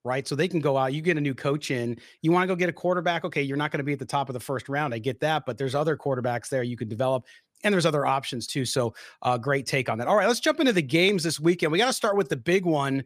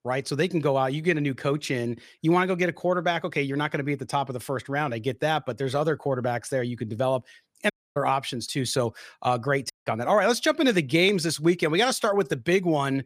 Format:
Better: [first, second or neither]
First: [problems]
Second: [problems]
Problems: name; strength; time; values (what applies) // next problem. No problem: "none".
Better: first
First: none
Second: audio cutting out; at 7.5 s and at 9.5 s